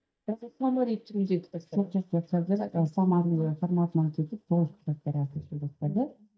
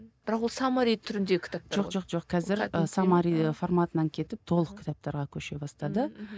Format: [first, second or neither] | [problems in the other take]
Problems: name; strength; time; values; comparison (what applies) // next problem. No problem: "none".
second | noise reduction (neural mask model DeepFilterNet 3)